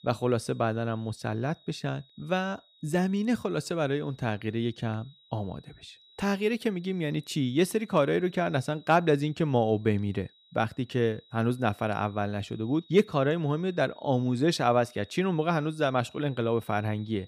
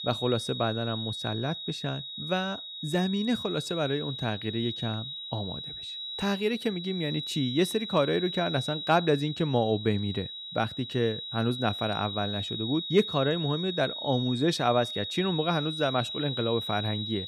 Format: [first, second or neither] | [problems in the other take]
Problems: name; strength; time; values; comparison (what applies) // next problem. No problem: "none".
first | high-pitched whine; loud; throughout; 4 kHz, 6 dB below the speech; faint in the first